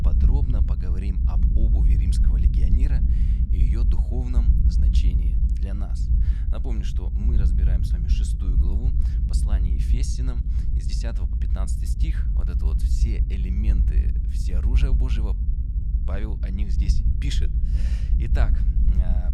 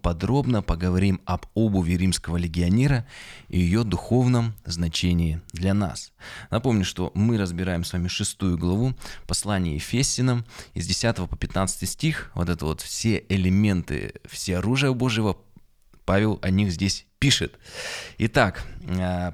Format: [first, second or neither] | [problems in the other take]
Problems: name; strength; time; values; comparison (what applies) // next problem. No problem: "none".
second | low rumble; loud; throughout; as loud as the speech